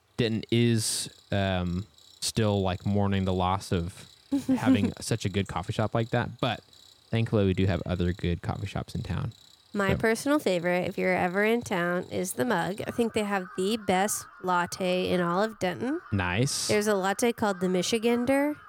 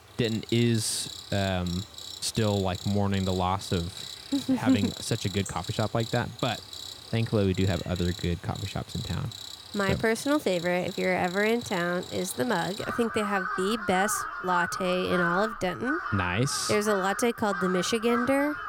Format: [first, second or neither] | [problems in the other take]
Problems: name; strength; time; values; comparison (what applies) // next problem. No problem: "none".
first | animal sounds; loud; throughout; 8 dB below the speech; faint in the first